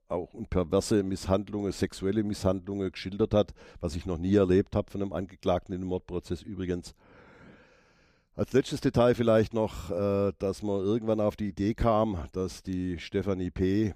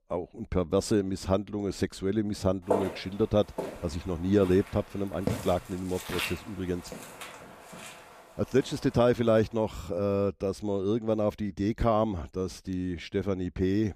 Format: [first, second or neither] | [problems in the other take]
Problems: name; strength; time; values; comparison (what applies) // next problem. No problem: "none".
first | footsteps; noticeable; from 2.5 to 7 s; peak 1 dB below the speech